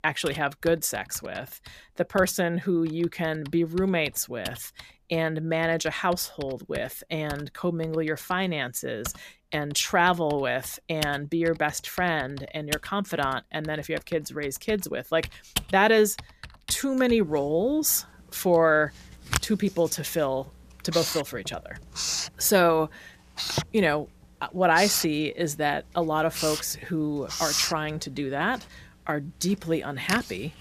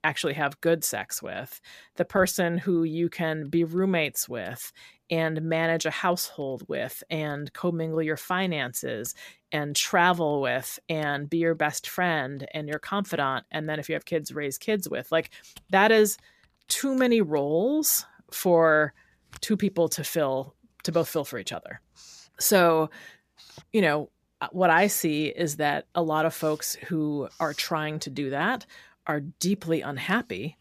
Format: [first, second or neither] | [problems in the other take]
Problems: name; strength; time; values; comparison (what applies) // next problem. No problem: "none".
second | household noises; loud; throughout; 7 dB below the speech; faint in the second